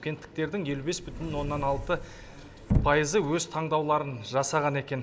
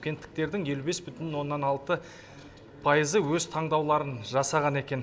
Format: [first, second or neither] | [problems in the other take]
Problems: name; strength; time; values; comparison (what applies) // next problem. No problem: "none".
second | background sound (Sliding door / Slam / Wood); 4 dB below the speech